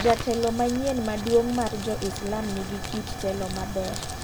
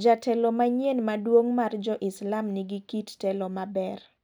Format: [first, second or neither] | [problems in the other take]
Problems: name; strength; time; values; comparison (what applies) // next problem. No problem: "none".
second | background sound (Crumpling, crinkling + Tick / Hiss / Explosion / Fire); 6 dB below the speech